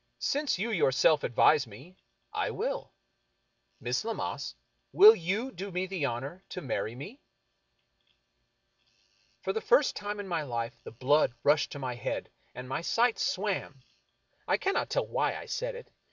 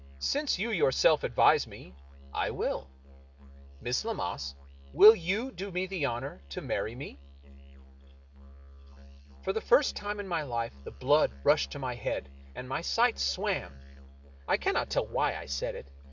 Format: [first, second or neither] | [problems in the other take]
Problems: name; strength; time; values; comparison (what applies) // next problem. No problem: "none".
first | background sound (Musical instrument); 18 dB below the speech